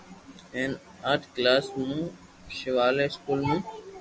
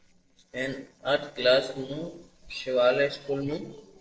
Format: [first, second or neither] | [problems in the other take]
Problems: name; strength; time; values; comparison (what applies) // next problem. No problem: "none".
first | noise reduction (neural separator model SepFormer DNS4)